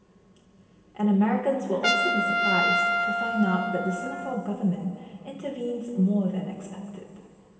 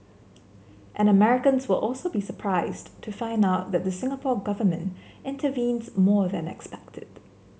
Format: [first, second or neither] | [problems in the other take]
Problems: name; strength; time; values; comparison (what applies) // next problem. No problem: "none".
second | background sound (Trumpet); 2 dB below the speech // room echo; dies away in 2.5 s